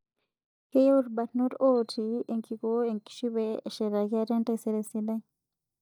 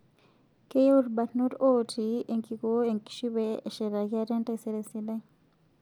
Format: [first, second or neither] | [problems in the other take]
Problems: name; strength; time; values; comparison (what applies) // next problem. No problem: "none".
second | noise reduction (neural mask model DeepFilterNet 3)